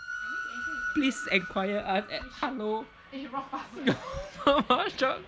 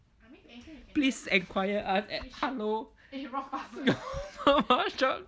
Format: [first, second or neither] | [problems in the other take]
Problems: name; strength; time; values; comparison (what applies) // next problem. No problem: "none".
second | background sound (Train); 10 dB below the speech